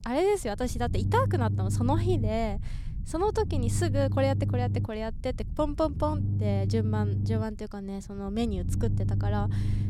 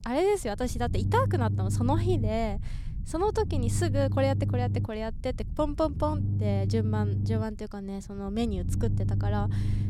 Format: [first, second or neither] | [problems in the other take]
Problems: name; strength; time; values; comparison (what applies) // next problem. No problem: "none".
neither | low rumble; noticeable; throughout; 10 dB below the speech; the same in both